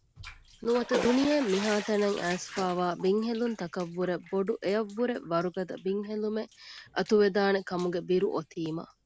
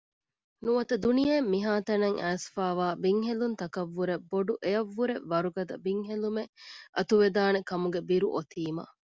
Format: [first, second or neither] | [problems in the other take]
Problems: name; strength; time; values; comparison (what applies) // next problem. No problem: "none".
second | background sound (Bathtub (filling or washing)); 13 dB below the speech